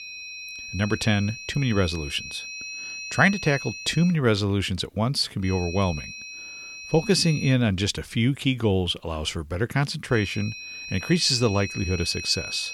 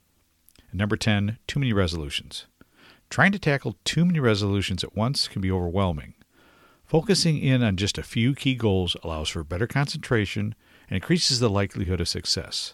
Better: second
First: high-pitched whine; noticeable; until 4 s, from 5.5 to 7.5 s and from 10 s on; 2.5 kHz, 10 dB below the speech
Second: none

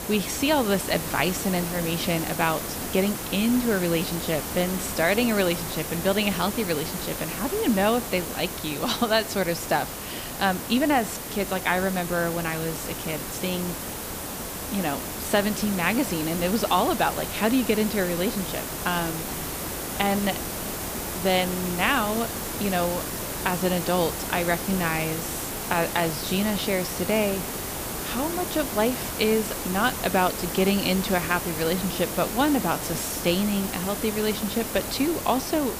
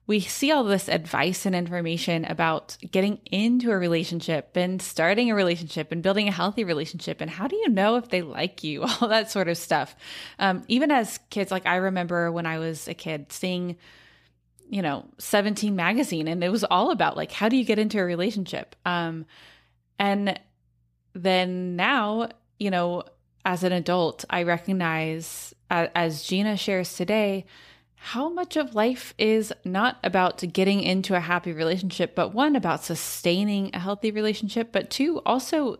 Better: second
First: hiss; loud; throughout; 5 dB below the speech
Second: none

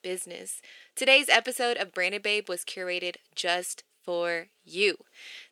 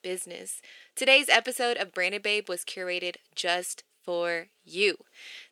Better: neither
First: thin; somewhat; fading below 500 Hz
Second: thin; somewhat; fading below 500 Hz

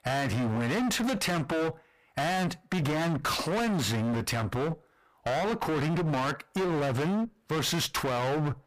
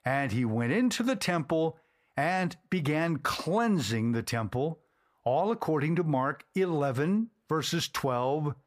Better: second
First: distortion; heavy; 43% of the sound clipped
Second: none

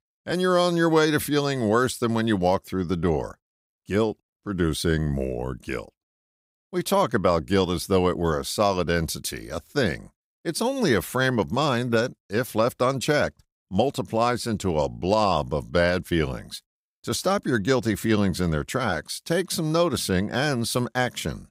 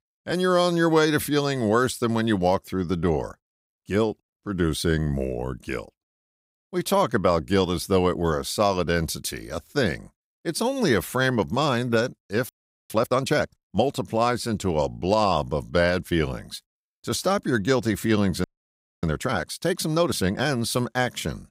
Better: first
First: none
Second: audio freezing; at 12 s and at 18 s for 0.5 s

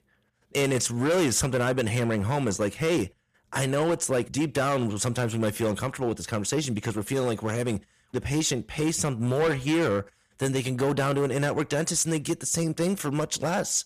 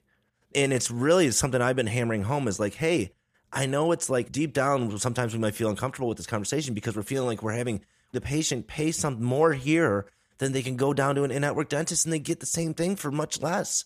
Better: second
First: distortion; slight; 10% of the sound clipped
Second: none

